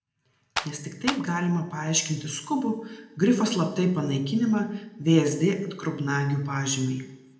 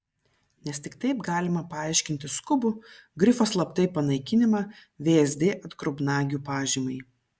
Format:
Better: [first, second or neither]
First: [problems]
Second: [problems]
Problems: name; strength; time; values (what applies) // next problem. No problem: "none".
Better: second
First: background sound (Clapping); 7 dB below the speech // room echo; dies away in 0.7 s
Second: none